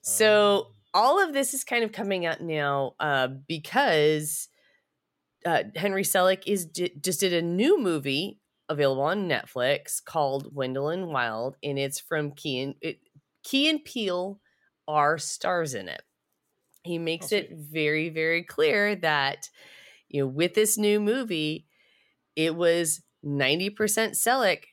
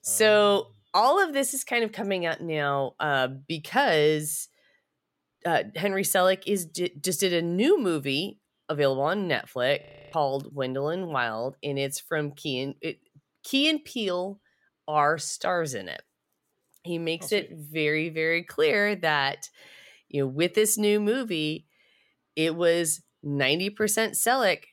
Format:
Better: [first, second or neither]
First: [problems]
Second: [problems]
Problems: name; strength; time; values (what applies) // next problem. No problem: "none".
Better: first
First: none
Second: audio freezing; at 10 s